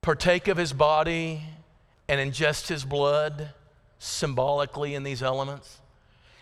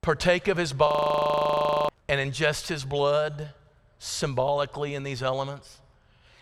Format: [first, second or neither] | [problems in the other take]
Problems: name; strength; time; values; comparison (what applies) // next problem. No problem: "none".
first | audio freezing; at 1 s for 1 s